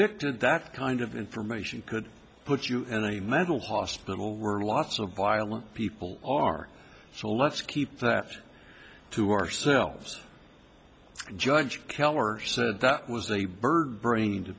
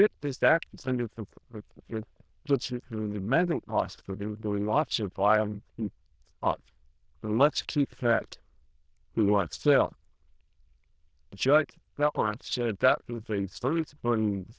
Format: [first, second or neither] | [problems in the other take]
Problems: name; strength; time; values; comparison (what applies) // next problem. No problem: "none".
first | noise reduction (neural diffusion model UNIVERSE++)